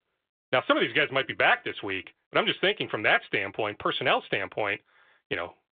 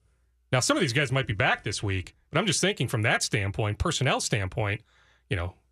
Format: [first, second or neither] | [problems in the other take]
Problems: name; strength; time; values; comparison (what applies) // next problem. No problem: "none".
second | phone-call audio